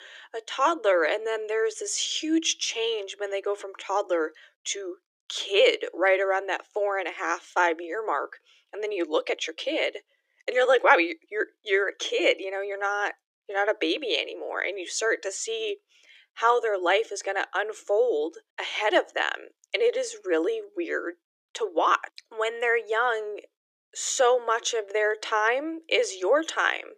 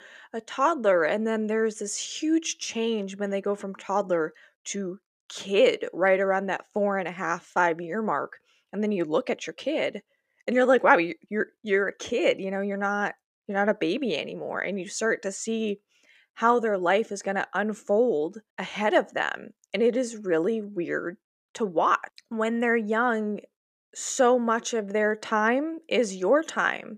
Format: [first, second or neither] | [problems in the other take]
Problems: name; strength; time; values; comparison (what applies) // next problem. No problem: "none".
second | thin; very; fading below 300 Hz